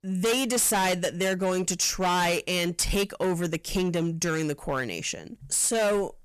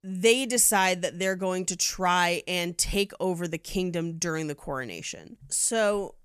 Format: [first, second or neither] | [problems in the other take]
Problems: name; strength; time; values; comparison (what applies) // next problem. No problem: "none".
second | distortion; heavy; 18% of the sound clipped